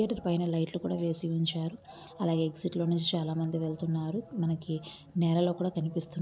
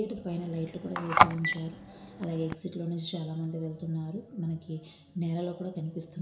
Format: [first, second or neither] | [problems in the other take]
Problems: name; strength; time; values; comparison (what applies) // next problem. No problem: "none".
first | background sound (Telephone); 5 dB above the speech // room echo; dies away in 0.9 s